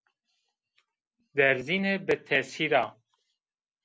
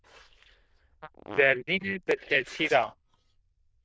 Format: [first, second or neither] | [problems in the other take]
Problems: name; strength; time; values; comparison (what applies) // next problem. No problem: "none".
first | noise reduction (neural diffusion model UNIVERSE++)